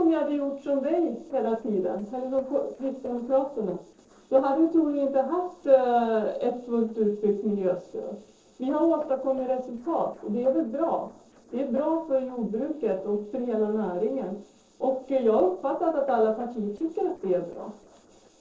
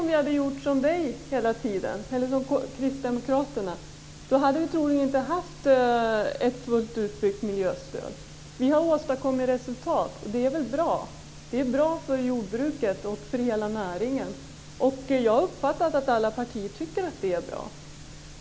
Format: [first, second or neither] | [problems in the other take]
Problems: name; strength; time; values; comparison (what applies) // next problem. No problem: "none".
second | noise reduction (neural separator model SepFormer DNS4)